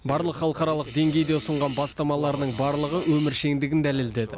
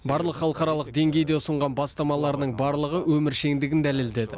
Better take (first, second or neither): second